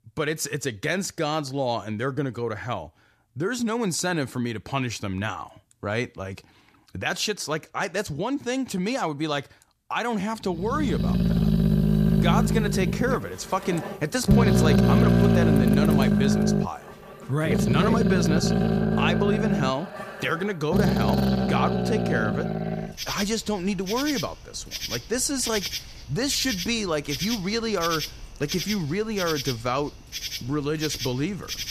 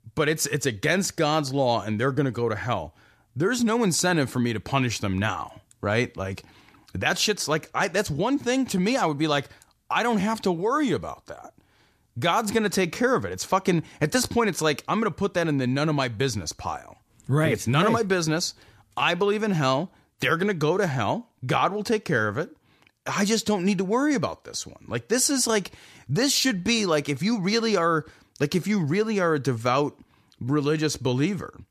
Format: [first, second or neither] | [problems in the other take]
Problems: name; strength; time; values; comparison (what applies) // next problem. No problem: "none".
second | animal sounds; very loud; from 11 s on; 3 dB above the speech